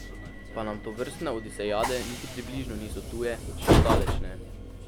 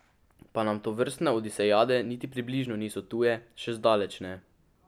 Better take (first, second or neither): second